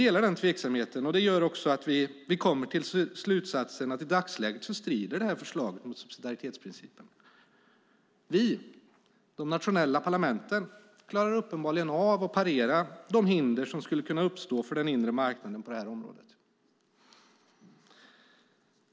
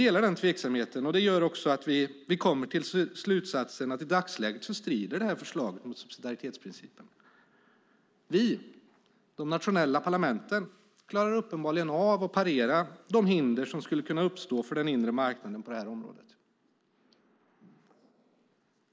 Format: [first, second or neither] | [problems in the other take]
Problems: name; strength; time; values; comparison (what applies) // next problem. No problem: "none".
first | noise reduction (neural mask model Resemble Enhance denoiser)